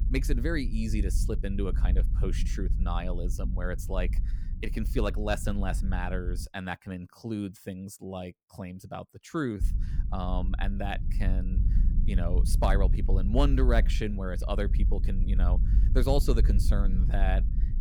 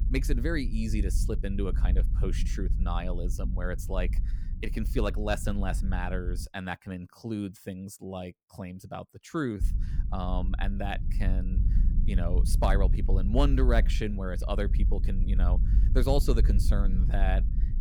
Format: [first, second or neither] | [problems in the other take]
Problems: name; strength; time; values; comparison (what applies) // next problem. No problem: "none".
neither | low rumble; noticeable; until 6.5 s and from 9.5 s on; 15 dB below the speech; the same in both